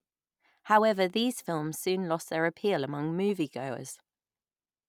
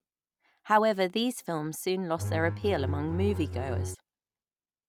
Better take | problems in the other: first | background sound (Bowed string instrument); 2 dB below the speech

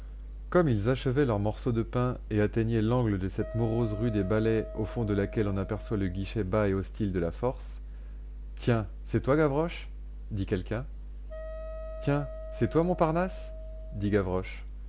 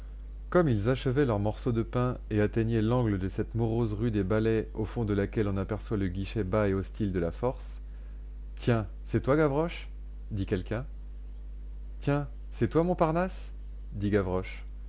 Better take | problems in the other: second | background sound (Wind instrument, woodwind instrument); 16 dB below the speech

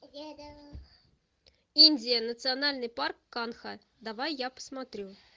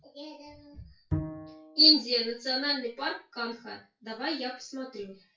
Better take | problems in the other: first | noise reduction (classical method WPE with log-MMSE)

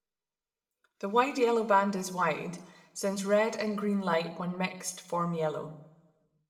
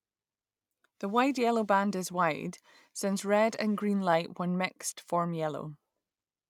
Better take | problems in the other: second | room echo; dies away in 0.6 s

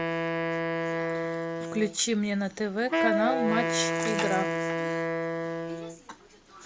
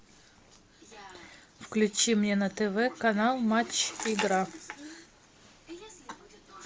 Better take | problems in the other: second | background sound (Wind instrument, woodwind instrument); 2 dB above the speech

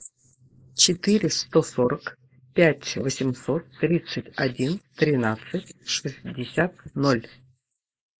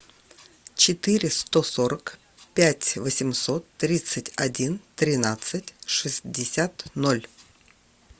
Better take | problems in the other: second | noise reduction (neural mask model Resemble Enhance denoiser)

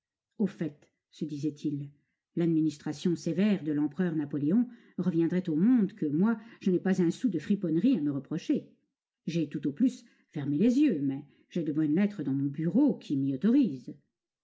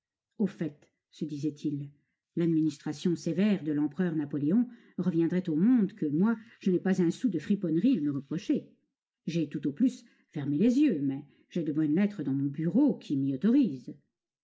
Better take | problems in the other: first | noise reduction (neural mask model Resemble Enhance denoiser)

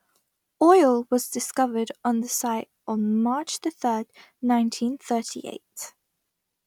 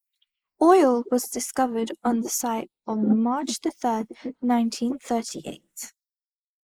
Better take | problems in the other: first | noise reduction (neural mask model Resemble Enhance denoiser)

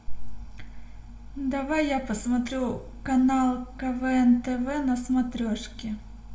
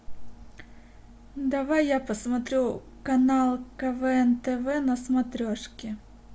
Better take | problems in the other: second | room echo; dies away in 0.7 s

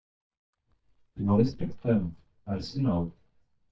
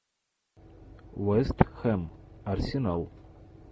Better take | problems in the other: second | noise reduction (neural mask model DeepFilterNet 3)

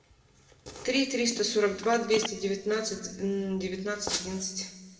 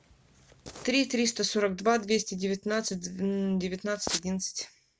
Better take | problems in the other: second | background sound (Telephone); 14 dB below the speech // room echo; dies away in 1.4 s

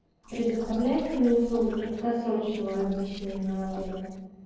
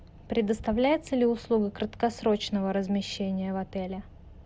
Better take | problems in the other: second | noise reduction (neural separator model SepFormer DNS4)

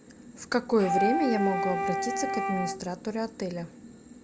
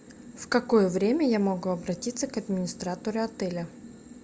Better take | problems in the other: second | background sound (Wind instrument, woodwind instrument); 1 dB below the speech

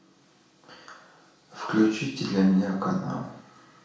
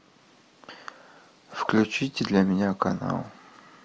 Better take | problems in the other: second | room echo; dies away in 0.5 s

